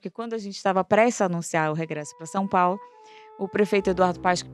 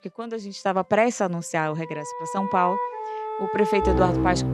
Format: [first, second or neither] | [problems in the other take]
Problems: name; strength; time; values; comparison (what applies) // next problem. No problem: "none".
first | background music; loud; throughout; 2 dB below the speech; faint in the first